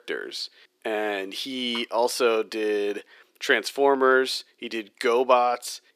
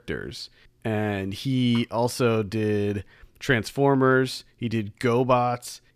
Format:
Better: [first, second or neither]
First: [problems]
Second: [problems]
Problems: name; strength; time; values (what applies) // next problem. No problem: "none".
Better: second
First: thin; somewhat; fading below 350 Hz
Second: none